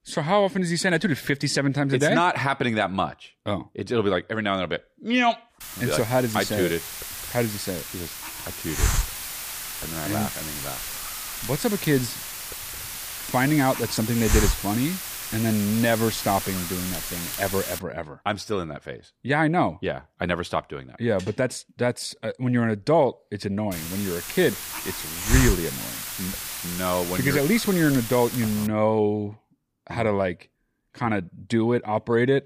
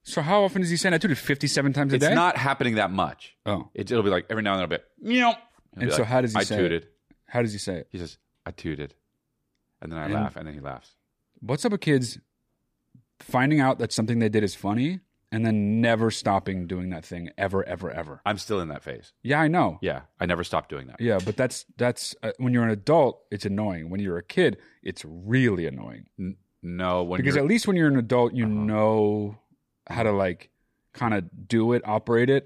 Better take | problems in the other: second | hiss; loud; from 5.5 to 18 s and from 24 to 29 s; 5 dB below the speech

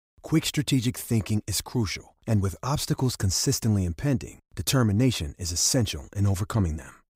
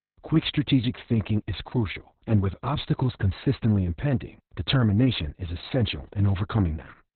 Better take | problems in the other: first | garbled, watery; badly; nothing above 4 kHz

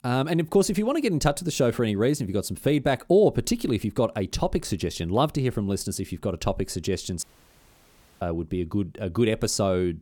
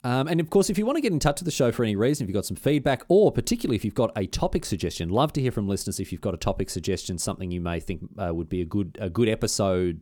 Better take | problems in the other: second | audio cutting out; at 7 s for 1 s

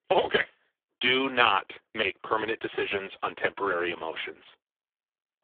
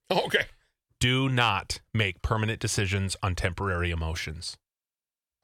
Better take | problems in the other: second | phone-call audio; poor line

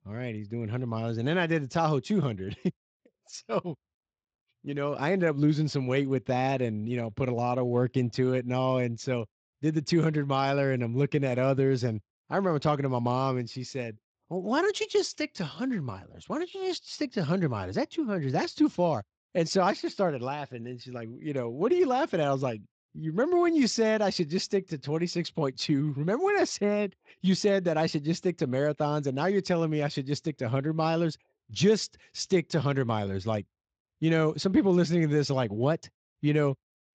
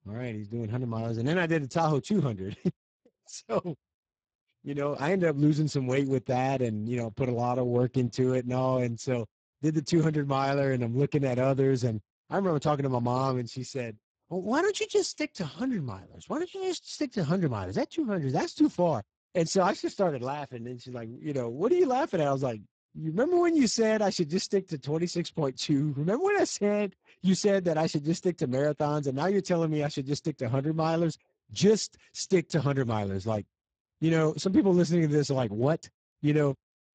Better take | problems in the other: first | garbled, watery; badly; nothing above 7.5 kHz; slightly in the first

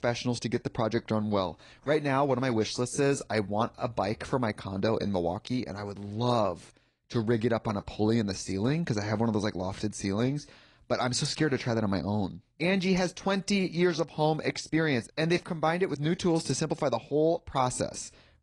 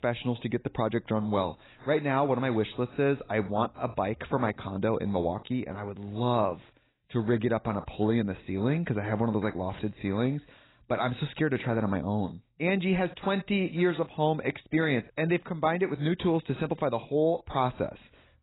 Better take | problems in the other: first | garbled, watery; badly; nothing above 4 kHz; slightly in the first

